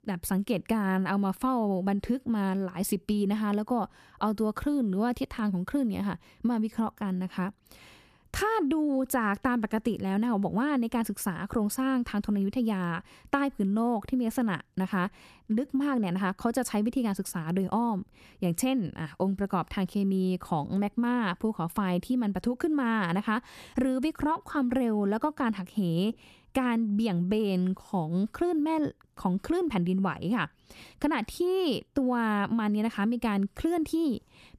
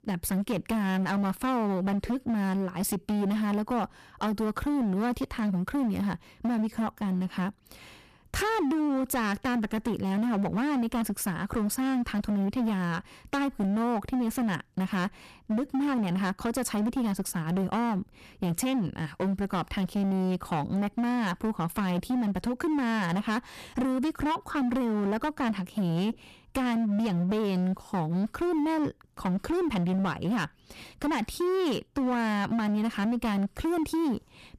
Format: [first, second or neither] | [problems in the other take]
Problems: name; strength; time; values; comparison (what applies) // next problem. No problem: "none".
first | distortion; slight; 24% of the sound clipped